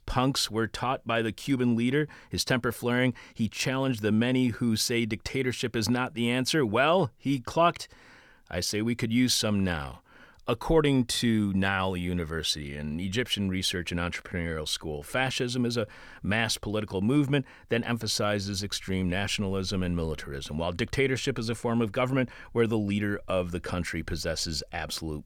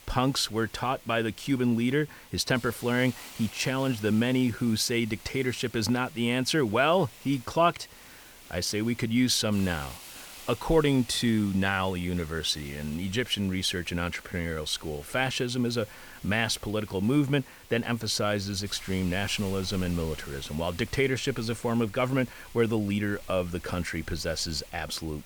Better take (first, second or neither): first